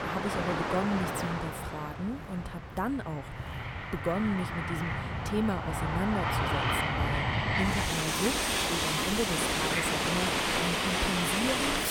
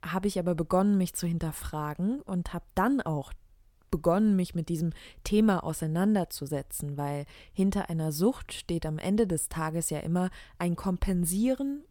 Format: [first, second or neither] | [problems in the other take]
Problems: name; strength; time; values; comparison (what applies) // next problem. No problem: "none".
second | train or aircraft noise; very loud; throughout; 5 dB above the speech